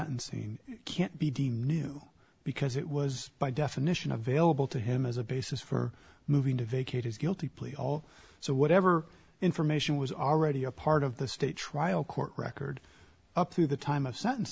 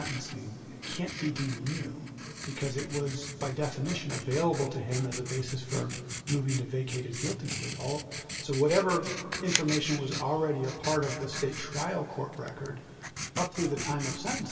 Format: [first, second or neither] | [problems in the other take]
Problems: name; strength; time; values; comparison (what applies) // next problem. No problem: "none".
first | background sound (Writing); 7 dB below the speech // room echo; dies away in 2.4 s